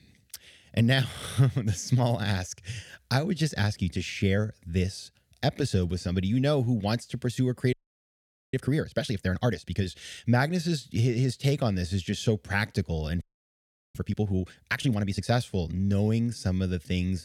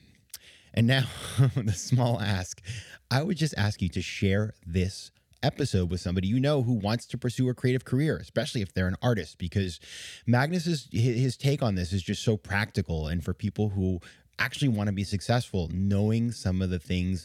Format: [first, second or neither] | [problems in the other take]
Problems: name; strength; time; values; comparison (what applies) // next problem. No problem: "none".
second | audio freezing; at 7.5 s for 1 s and at 13 s for 0.5 s